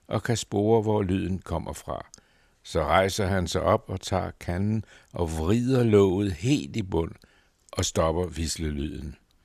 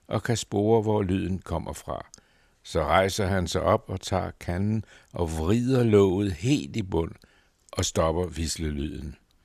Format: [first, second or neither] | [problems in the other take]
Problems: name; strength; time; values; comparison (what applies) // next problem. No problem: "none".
neither | none